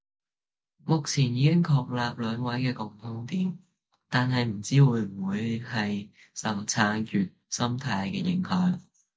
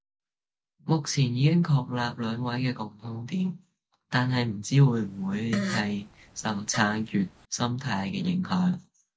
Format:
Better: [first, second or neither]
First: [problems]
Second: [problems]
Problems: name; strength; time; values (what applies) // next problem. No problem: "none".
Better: first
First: none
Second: background sound (Fart); 9 dB below the speech